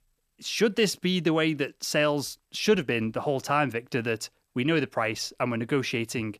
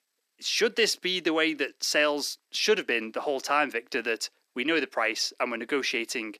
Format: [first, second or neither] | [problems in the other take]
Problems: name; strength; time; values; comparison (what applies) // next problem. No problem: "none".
first | thin; somewhat; fading below 300 Hz